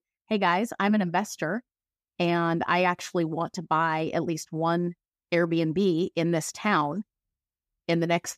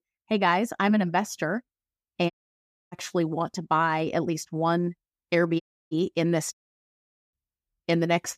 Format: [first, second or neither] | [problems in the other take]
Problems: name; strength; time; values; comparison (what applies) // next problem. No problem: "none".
first | audio cutting out; at 2.5 s for 0.5 s, at 5.5 s and at 6.5 s for 1 s